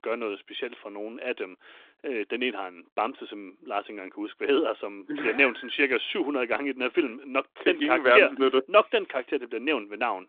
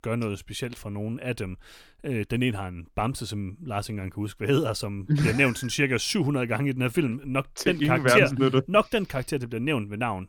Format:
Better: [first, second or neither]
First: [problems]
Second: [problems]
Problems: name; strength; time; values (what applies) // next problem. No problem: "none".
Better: second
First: phone-call audio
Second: none